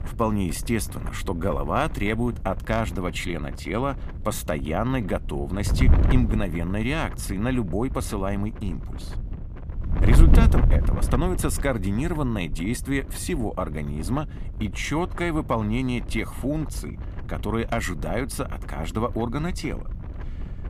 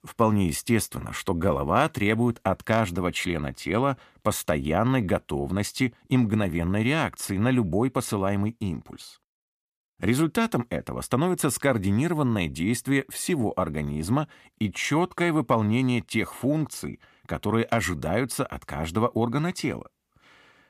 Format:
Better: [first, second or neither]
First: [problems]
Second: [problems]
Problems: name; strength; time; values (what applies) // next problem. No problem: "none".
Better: second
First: wind noise on the microphone; occasional gusts; 10 dB below the speech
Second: none